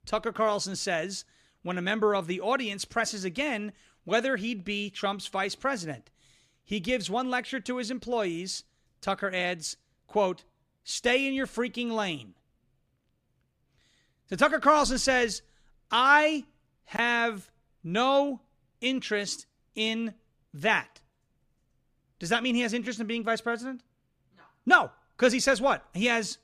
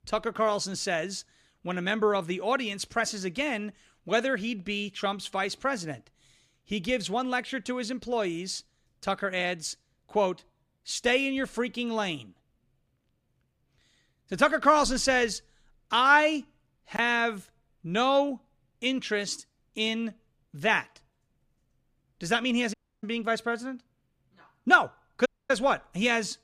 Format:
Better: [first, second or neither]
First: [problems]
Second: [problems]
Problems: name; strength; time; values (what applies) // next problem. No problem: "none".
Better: first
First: none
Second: audio cutting out; at 23 s and at 25 s